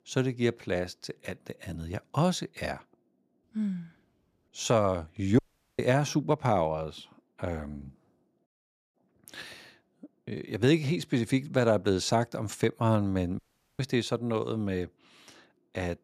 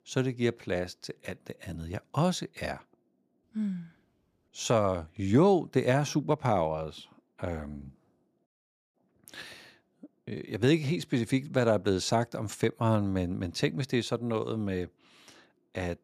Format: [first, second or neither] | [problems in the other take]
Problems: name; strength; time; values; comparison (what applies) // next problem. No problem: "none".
second | audio cutting out; at 5.5 s and at 13 s